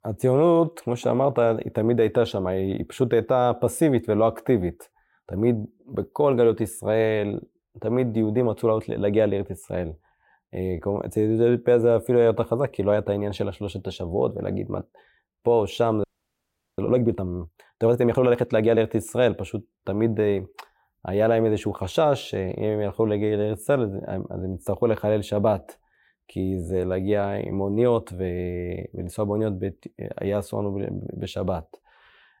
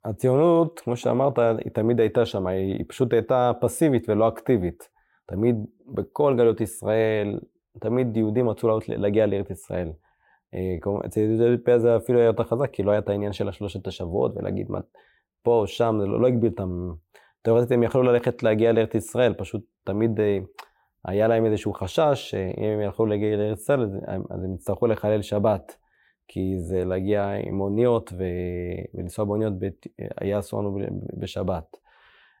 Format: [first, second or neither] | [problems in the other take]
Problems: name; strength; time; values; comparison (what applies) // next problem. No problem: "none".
second | audio freezing; at 16 s for 0.5 s